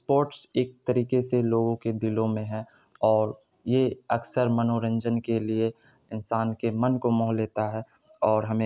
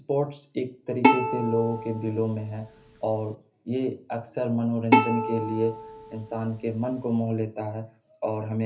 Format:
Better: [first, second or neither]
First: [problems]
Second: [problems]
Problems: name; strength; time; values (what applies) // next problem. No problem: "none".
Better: first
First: none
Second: background sound (Bowed string instrument); 1 dB above the speech // room echo; dies away in 0.3 s